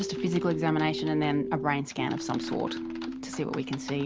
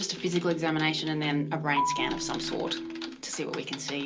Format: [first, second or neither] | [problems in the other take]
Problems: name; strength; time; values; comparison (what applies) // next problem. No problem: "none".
first | background sound (Marimba, xylophone); 4 dB below the speech // room echo; dies away in 0.2 s